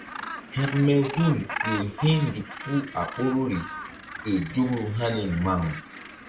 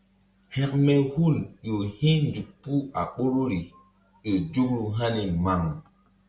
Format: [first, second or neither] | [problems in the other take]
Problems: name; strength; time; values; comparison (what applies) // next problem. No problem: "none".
second | background sound (Gull, seagull); 11 dB below the speech